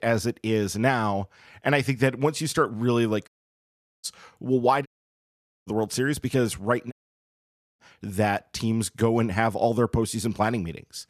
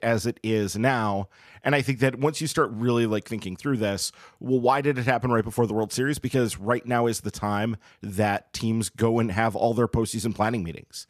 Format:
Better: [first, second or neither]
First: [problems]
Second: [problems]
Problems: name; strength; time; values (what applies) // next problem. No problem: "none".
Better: second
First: audio cutting out; at 3.5 s for 1 s, at 5 s for 1 s and at 7 s for 1 s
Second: none